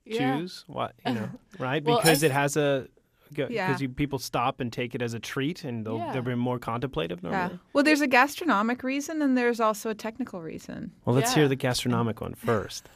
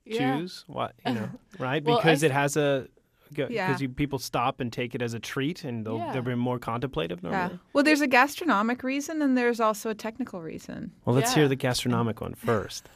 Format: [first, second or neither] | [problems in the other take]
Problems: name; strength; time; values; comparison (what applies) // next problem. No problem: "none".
second | jangling keys; noticeable; at 2 s; peak 2 dB below the speech